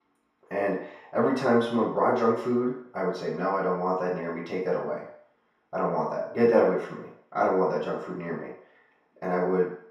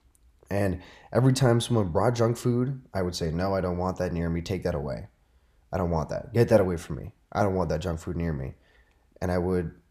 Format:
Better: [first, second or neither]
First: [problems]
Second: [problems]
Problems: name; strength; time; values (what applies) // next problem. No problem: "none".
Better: second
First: room echo; noticeable; dies away in 0.6 s // off-mic speech; far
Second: none